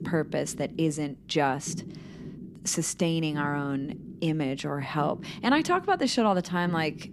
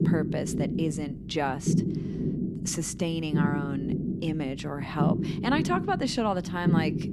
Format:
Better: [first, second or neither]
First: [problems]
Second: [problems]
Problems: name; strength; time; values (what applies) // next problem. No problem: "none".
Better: first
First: low rumble; faint; throughout; 20 dB below the speech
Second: low rumble; loud; throughout; 5 dB below the speech